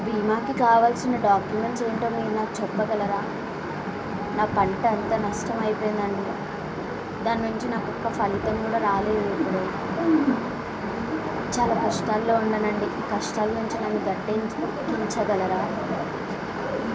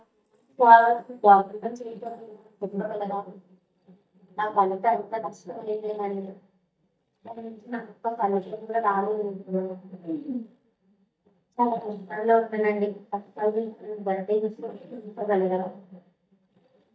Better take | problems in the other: first | noise reduction (neural mask model DeepFilterNet 3)

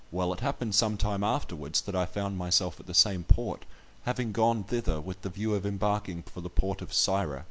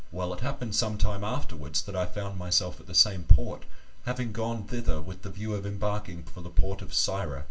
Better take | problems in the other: first | room echo; dies away in 0.2 s

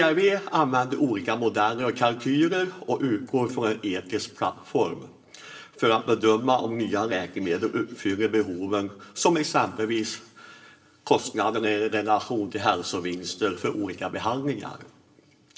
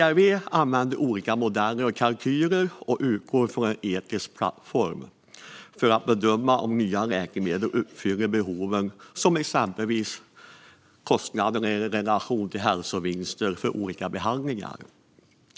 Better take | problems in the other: second | room echo; dies away in 0.8 s

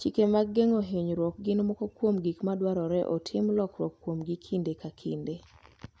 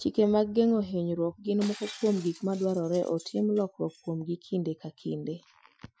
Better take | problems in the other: first | noise reduction (classical method Wiener filter)

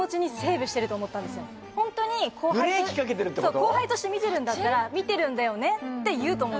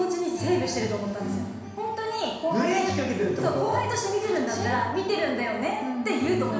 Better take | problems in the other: first | room echo; dies away in 1.1 s

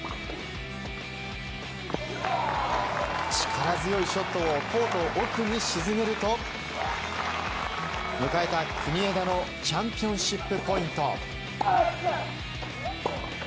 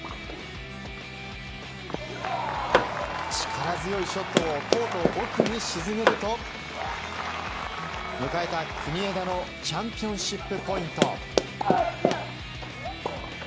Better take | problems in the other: first | background sound (Run + Tap / Hammer); 2 dB above the speech

